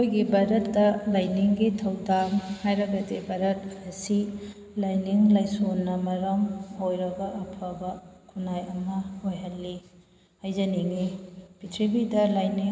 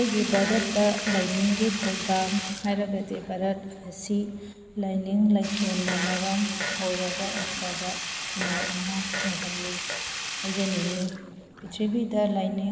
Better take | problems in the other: first | background sound (Sink (filling or washing) + Fart); 6 dB below the speech

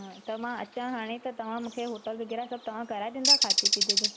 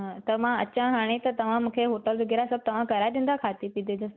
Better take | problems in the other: second | background sound (Bird); 5 dB above the speech

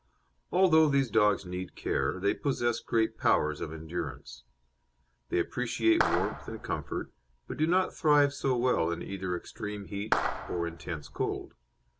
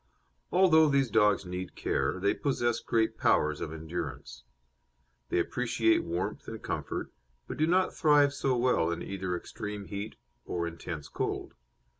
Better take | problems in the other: second | background sound (Clapping); 4 dB below the speech

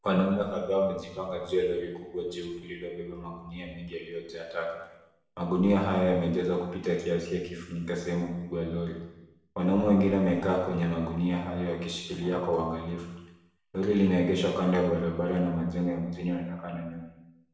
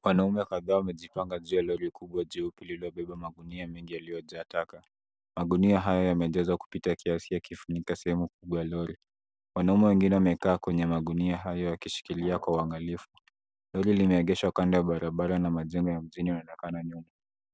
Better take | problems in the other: second | room echo; dies away in 0.9 s

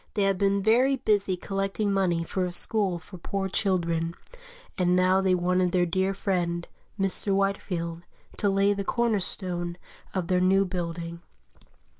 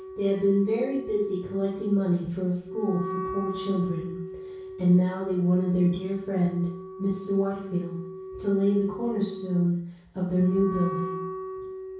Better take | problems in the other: first | background sound (Wind instrument, woodwind instrument); 10 dB below the speech // room echo; dies away in 0.6 s

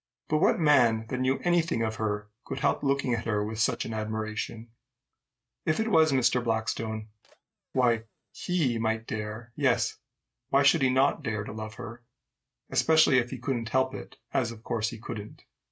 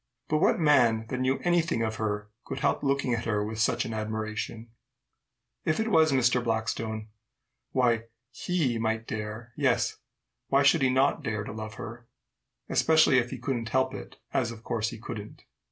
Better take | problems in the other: second | noise reduction (neural mask model RNNoise)

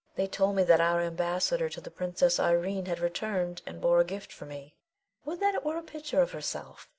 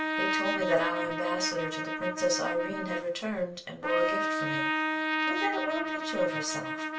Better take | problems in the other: first | background sound (Trumpet); 1 dB above the speech // room echo; dies away in 0.3 s

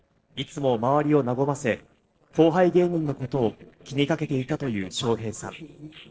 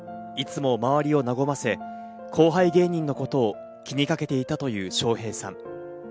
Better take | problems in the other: second | noise reduction (neural separator model SepFormer DNS4)

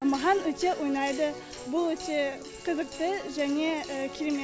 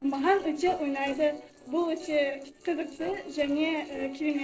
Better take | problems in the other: first | noise reduction (neural separator model SepFormer DNS4)

